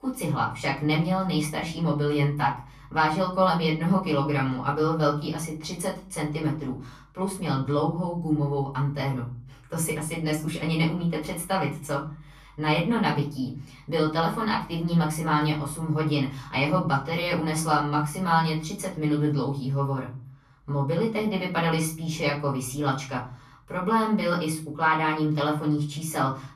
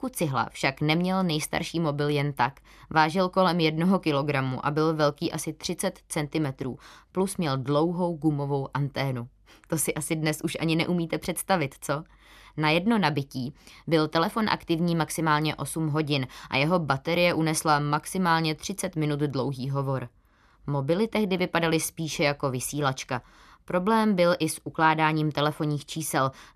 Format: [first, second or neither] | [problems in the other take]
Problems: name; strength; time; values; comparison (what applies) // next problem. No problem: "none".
second | off-mic speech; far // room echo; slight; dies away in 0.4 s